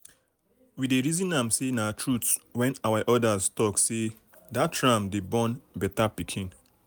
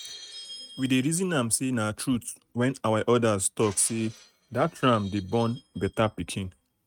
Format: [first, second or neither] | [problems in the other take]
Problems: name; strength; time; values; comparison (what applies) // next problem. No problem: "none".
first | noise reduction (neural mask model RNNoise)